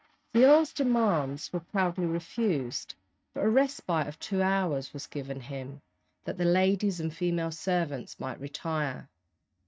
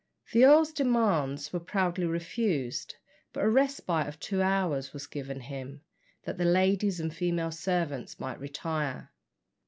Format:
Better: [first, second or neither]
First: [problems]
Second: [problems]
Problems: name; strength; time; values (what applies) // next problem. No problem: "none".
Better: second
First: noise reduction (neural mask model RNNoise)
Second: none